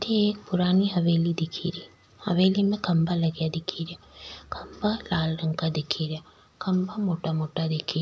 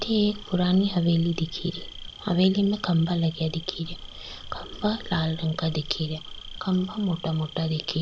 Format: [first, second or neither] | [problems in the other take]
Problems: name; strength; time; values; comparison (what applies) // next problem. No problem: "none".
first | background sound (Insect); 14 dB below the speech